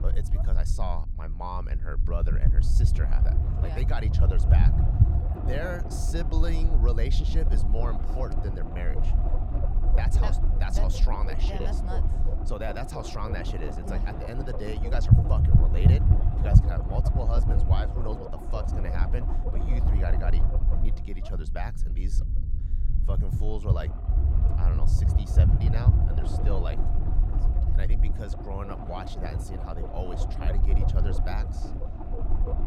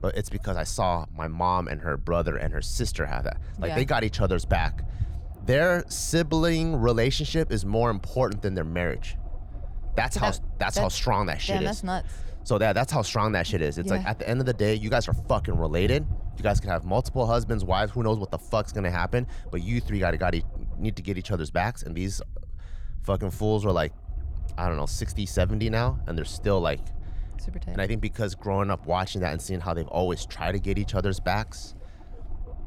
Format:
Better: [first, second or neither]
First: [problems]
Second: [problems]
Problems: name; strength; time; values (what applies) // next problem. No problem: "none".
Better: second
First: low rumble; loud; throughout; 2 dB below the speech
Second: low rumble; faint; throughout; 25 dB below the speech